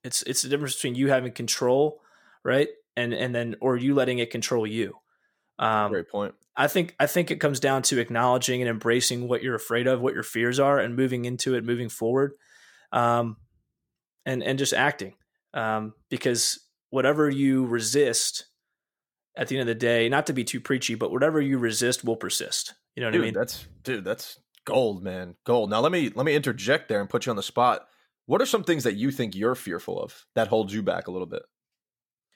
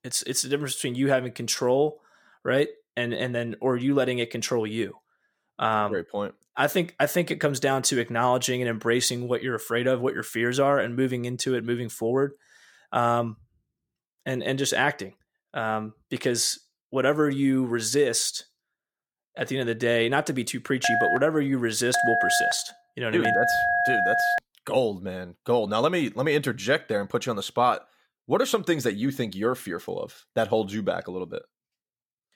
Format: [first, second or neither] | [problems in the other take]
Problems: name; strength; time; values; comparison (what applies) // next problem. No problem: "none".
first | phone ringing; loud; from 21 to 24 s; peak 4 dB above the speech